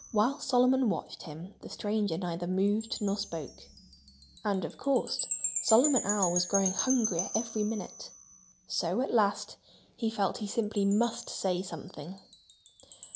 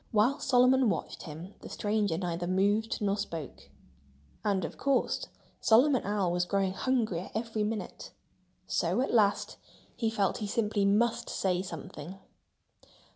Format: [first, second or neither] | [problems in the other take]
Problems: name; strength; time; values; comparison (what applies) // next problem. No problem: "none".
second | background sound (Wind chime); 9 dB below the speech